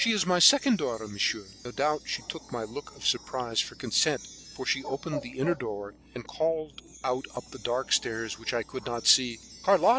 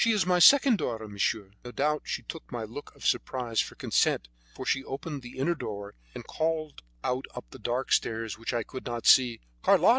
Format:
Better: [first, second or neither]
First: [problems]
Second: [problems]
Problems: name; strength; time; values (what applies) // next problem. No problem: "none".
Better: second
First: background sound (Bird + Wind chime); 17 dB below the speech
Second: none